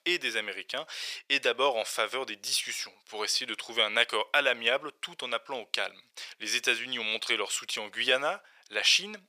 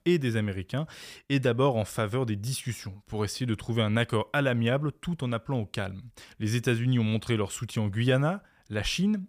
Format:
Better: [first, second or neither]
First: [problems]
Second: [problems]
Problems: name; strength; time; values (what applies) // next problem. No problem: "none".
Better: second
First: thin; very; fading below 500 Hz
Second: none